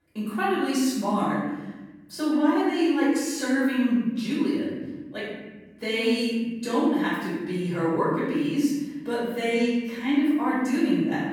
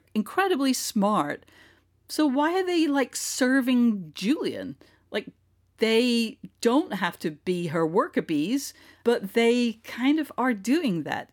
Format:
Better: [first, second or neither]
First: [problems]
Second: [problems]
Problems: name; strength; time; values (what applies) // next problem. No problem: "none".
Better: second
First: off-mic speech; far // room echo; strong; dies away in 1.3 s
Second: none